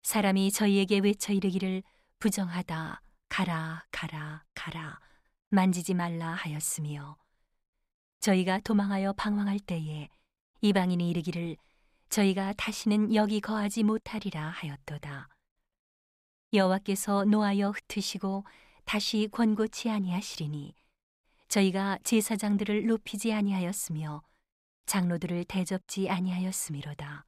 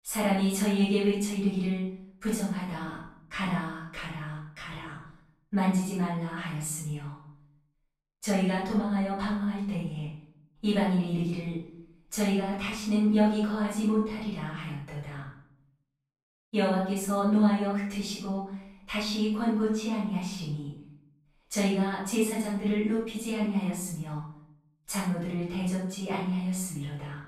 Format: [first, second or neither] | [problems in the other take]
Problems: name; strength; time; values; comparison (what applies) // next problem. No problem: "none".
first | off-mic speech; far // room echo; noticeable; dies away in 0.6 s